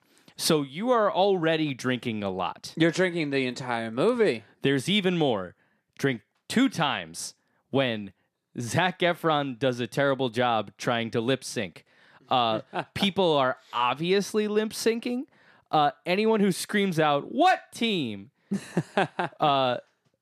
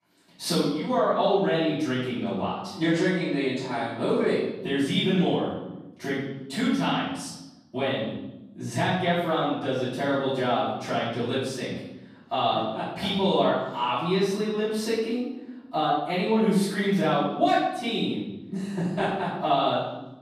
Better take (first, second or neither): first